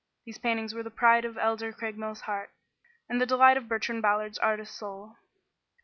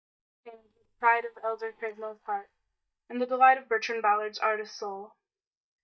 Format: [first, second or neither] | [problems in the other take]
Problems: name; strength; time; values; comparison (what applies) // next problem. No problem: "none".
first | noise reduction (neural mask model DeepFilterNet 3)